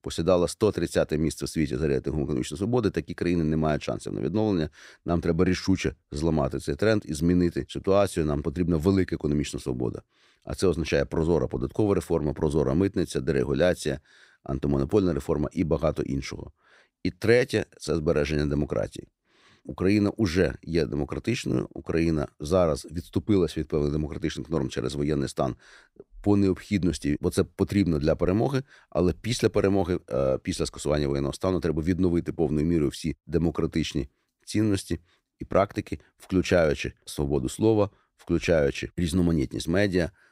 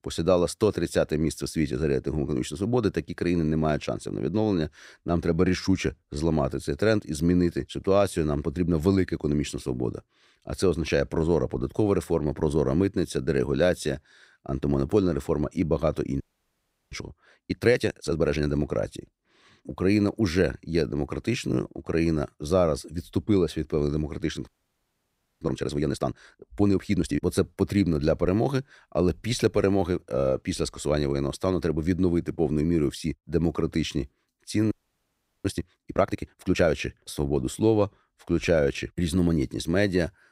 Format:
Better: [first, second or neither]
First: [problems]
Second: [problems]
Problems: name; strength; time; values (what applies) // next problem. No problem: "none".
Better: first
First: none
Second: audio freezing; at 16 s for 0.5 s, at 24 s for 1 s and at 35 s for 0.5 s